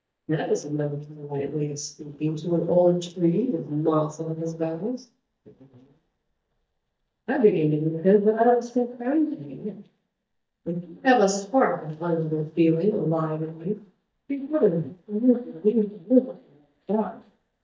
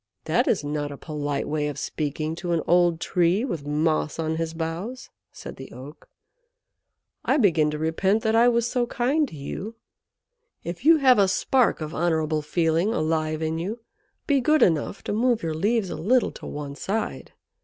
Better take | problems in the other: second | noise reduction (neural mask model DeepFilterNet 3)

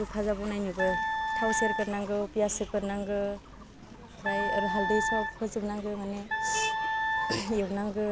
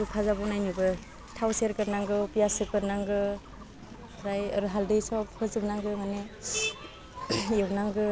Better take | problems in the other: second | background sound (Wind instrument, woodwind instrument); 1 dB below the speech

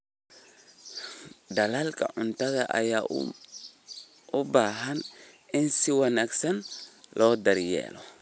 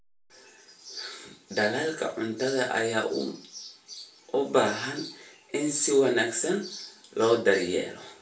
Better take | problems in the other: first | room echo; dies away in 0.3 s

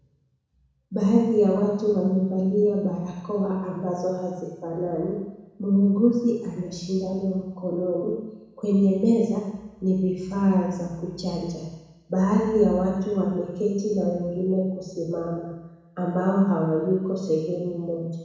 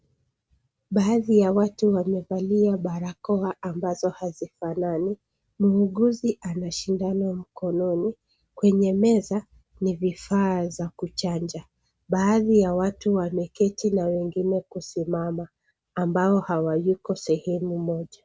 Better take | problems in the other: second | room echo; dies away in 1.1 s

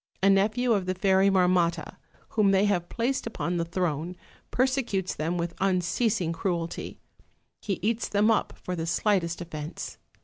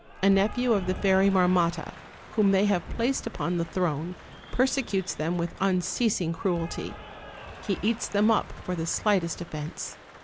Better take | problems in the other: first | background sound (Applause / Cheering + Thunderstorm); 15 dB below the speech

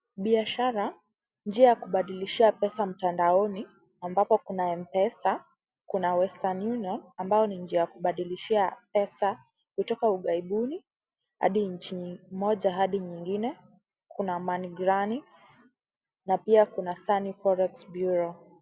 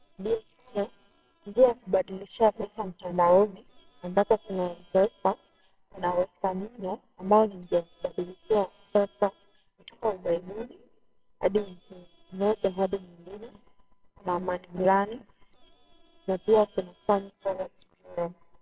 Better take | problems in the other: first | noise reduction (neural separator model SepFormer WHAMR!)

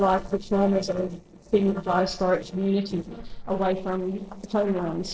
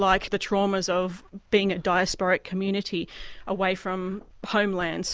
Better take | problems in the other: second | noise reduction (neural separator model SepFormer DNS4)

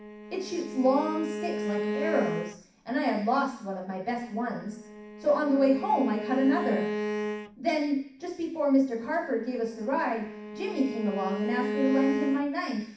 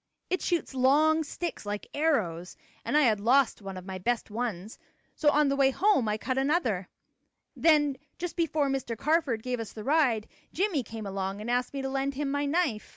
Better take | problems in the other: second | background sound (Bowed string instrument); 7 dB below the speech // room echo; dies away in 0.6 s

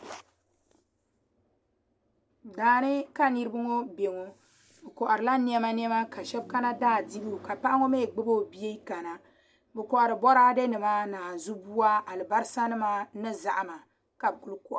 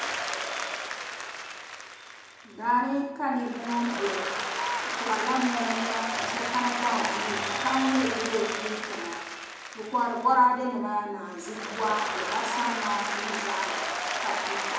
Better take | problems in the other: first | background sound (Applause); 2 dB below the speech // room echo; dies away in 0.8 s

